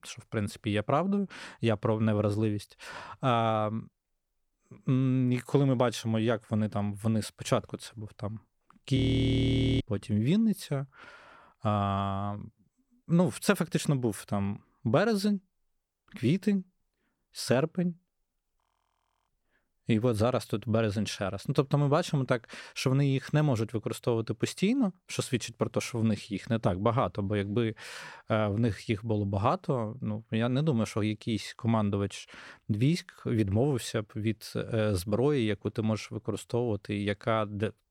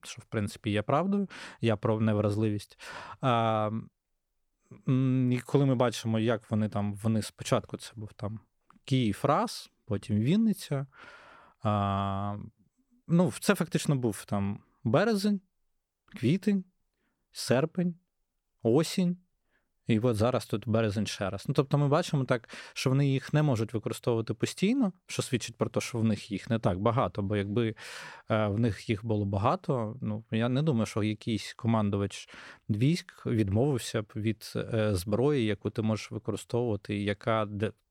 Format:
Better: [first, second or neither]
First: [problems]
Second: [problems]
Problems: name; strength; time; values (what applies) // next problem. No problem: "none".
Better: second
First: audio freezing; at 9 s for 1 s and at 19 s for 0.5 s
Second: none